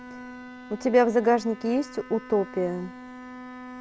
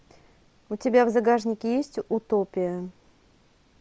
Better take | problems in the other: second | background sound (Bowed string instrument); 16 dB below the speech

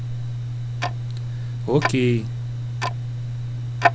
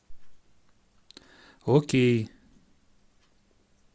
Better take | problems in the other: second | background sound (Tick-tock); 3 dB above the speech

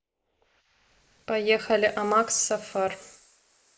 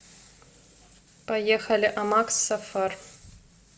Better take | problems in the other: second | noise reduction (neural mask model Resemble Enhance denoiser)

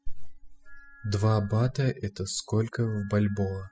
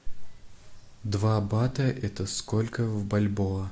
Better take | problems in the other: second | noise reduction (classical method spectral subtraction)

